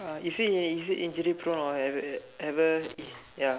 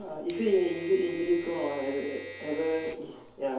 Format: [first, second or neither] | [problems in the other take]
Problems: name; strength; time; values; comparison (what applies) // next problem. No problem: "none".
first | background sound (Domestic sounds, home sounds); 17 dB below the speech // room echo; dies away in 2.4 s